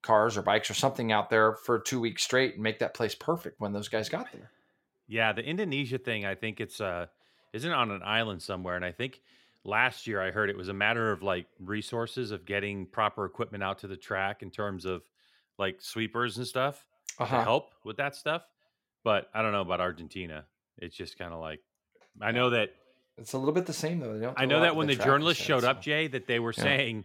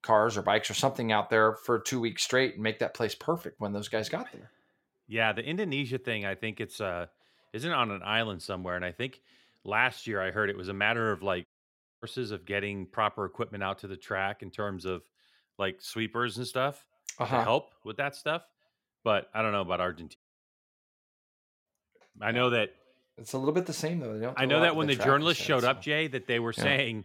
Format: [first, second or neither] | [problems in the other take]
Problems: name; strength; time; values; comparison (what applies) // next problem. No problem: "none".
first | audio cutting out; at 11 s for 0.5 s and at 20 s for 1.5 s